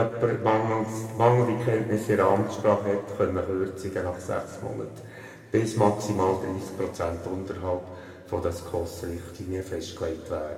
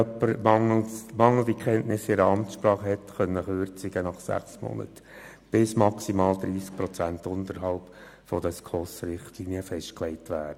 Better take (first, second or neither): second